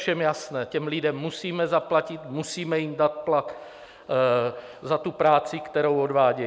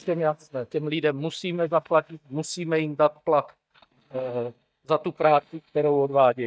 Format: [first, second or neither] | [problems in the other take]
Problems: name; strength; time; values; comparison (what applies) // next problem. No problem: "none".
first | noise reduction (neural mask model DeepFilterNet 3)